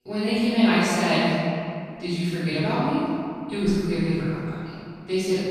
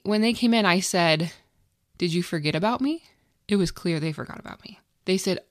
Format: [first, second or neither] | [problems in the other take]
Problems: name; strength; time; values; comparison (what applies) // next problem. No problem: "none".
second | off-mic speech; far // room echo; strong; dies away in 2.3 s